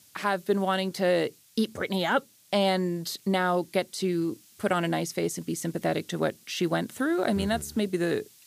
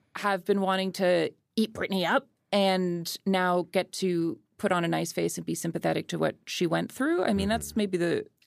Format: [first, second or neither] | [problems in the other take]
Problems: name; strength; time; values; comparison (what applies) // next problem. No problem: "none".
second | hiss; faint; throughout; 25 dB below the speech